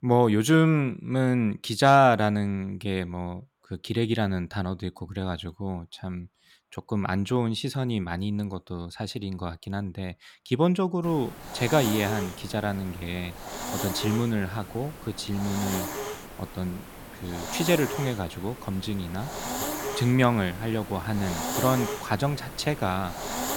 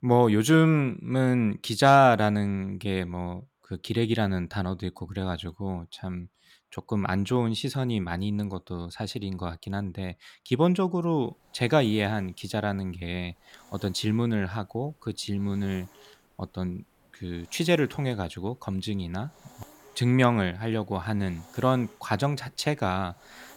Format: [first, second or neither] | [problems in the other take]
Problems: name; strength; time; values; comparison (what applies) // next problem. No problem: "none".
second | hiss; loud; from 11 s on; 8 dB below the speech; faint in the second